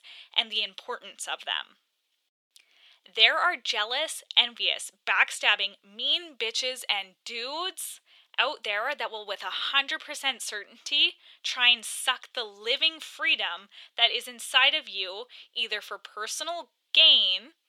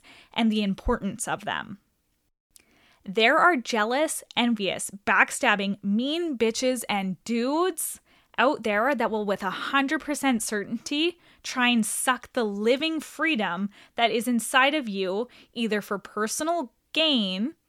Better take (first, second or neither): second